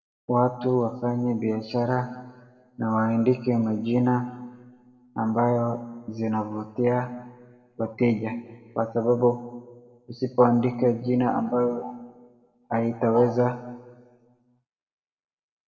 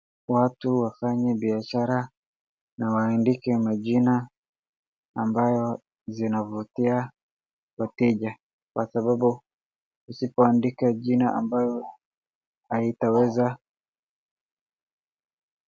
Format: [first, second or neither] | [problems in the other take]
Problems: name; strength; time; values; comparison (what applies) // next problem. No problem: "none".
second | room echo; dies away in 1.3 s